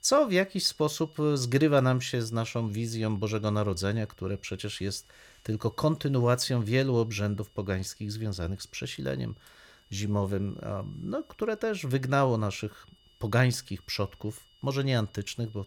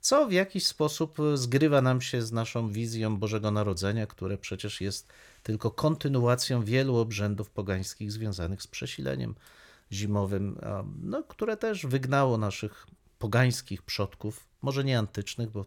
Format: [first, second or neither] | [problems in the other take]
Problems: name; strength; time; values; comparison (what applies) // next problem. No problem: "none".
second | high-pitched whine; faint; throughout; 3 kHz, 30 dB below the speech